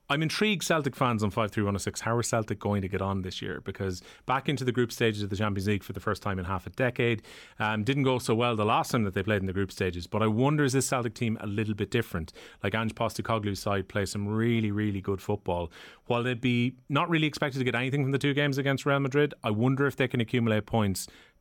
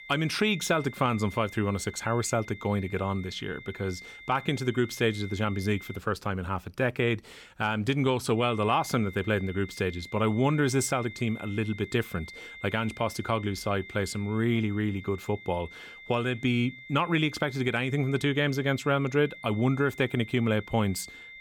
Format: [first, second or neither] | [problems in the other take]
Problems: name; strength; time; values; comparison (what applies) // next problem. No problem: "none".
first | high-pitched whine; noticeable; until 6 s and from 8.5 s on; 2 kHz, 15 dB below the speech